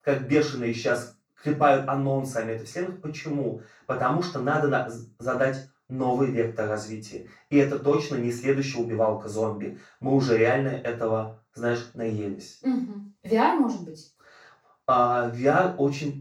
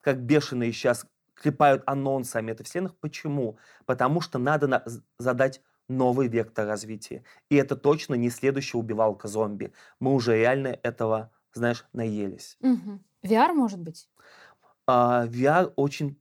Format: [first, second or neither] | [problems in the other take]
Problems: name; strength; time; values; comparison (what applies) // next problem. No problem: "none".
second | room echo; noticeable; dies away in 0.3 s // off-mic speech; far